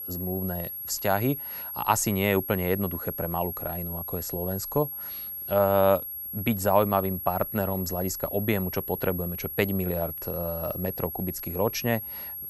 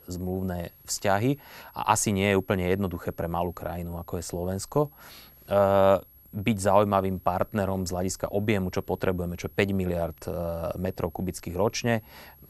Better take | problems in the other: second | high-pitched whine; loud; throughout; 11.5 kHz, 5 dB below the speech; faint in the second

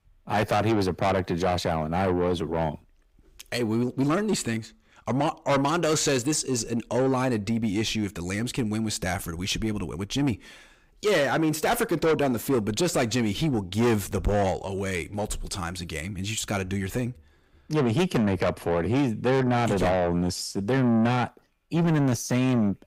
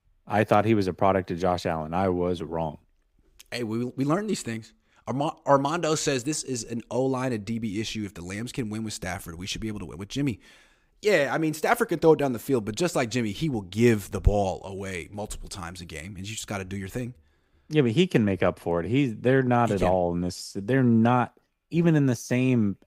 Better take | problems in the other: second | distortion; heavy; 6 dB below the speech

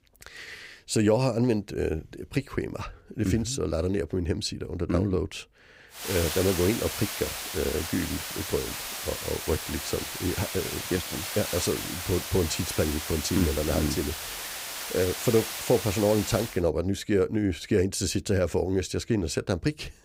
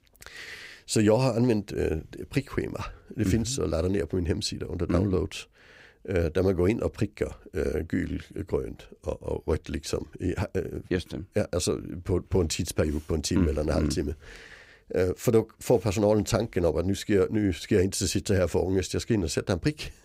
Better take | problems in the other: second | hiss; loud; from 6 to 17 s; 5 dB below the speech

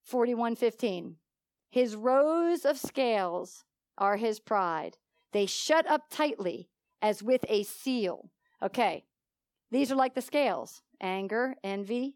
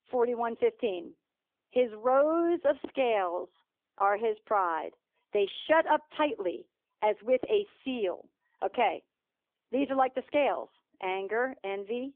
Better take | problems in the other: first | phone-call audio; nothing above 3.5 kHz

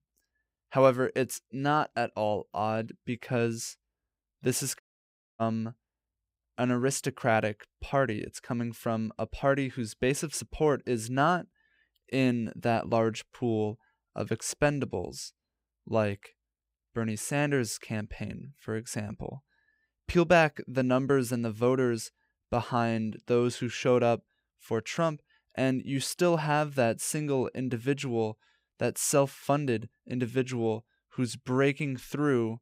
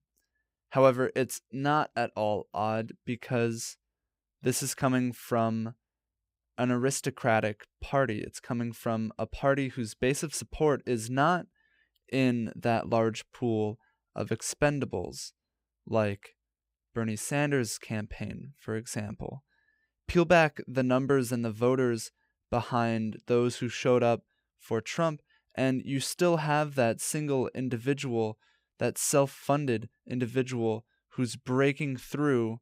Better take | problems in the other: second | audio cutting out; at 5 s for 0.5 s

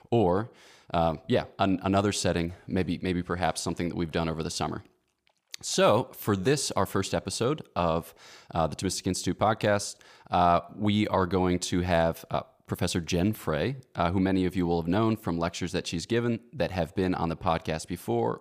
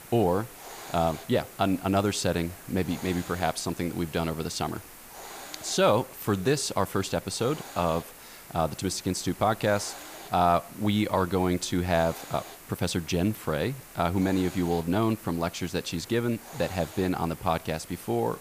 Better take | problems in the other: first | hiss; noticeable; throughout; 15 dB below the speech

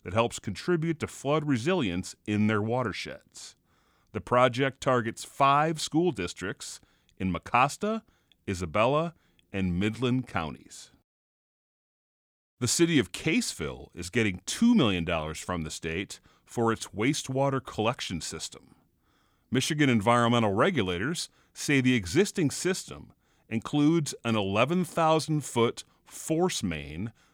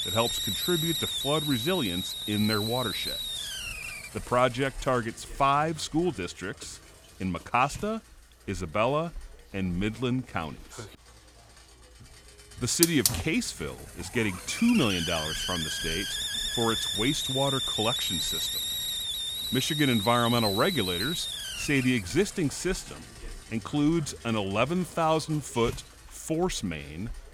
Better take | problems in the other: first | hiss; loud; throughout; 1 dB below the speech

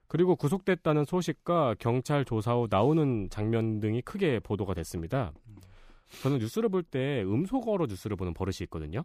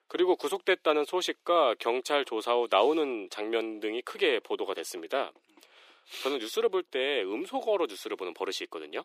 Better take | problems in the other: first | thin; very; fading below 350 Hz

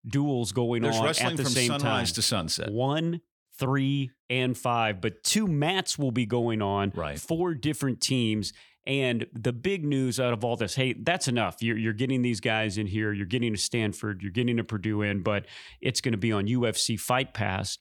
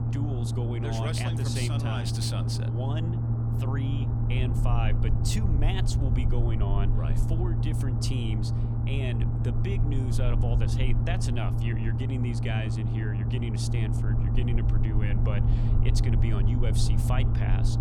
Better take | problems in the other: first | low rumble; loud; throughout; 1 dB below the speech

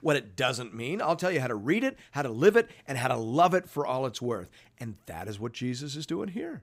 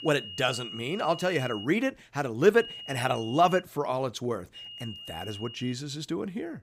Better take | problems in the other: first | high-pitched whine; noticeable; until 1.5 s, from 2.5 to 3.5 s and from 4.5 to 5.5 s; 3 kHz, 10 dB below the speech

